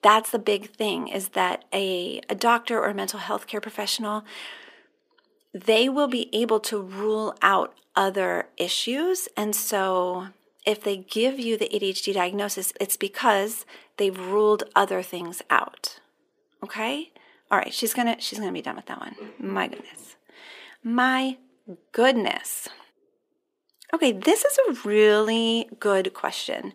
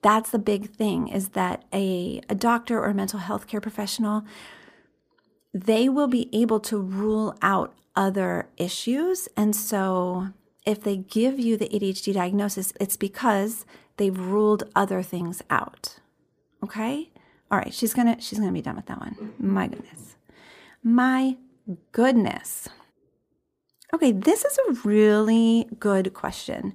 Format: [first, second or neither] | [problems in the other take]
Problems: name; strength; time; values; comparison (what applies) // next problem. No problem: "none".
second | thin; somewhat; fading below 400 Hz